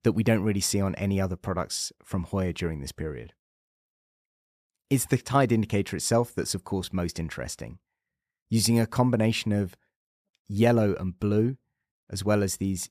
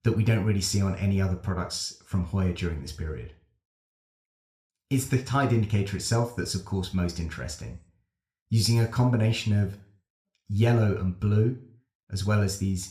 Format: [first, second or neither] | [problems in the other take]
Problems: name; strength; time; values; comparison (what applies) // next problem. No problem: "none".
first | room echo; very slight; dies away in 0.3 s // off-mic speech; somewhat distant